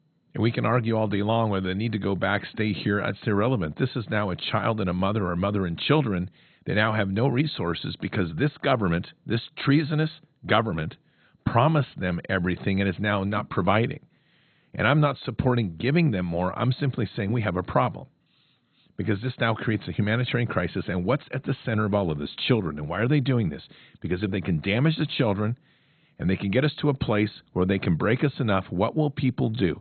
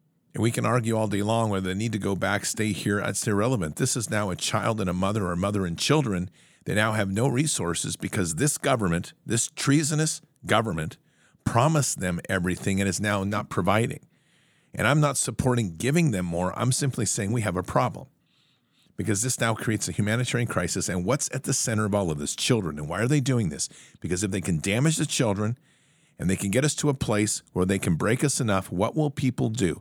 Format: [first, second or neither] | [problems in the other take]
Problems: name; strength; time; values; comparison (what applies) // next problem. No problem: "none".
second | garbled, watery; badly; nothing above 4 kHz